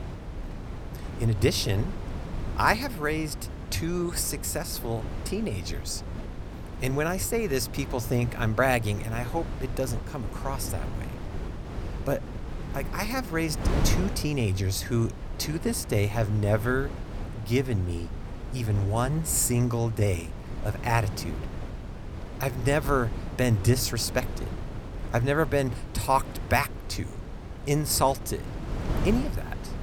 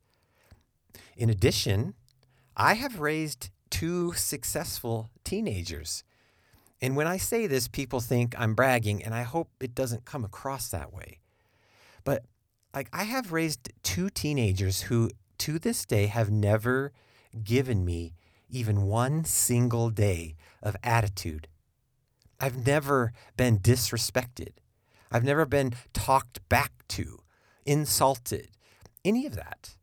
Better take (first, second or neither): second